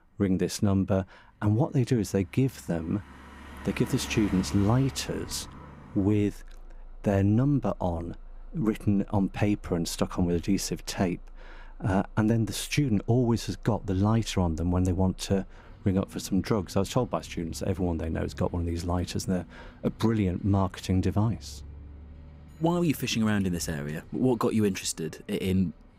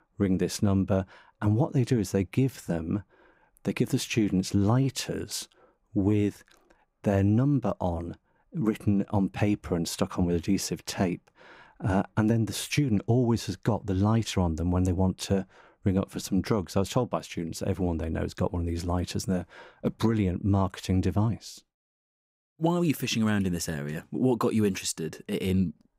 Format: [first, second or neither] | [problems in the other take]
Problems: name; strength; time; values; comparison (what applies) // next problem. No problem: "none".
second | traffic noise; noticeable; throughout; 20 dB below the speech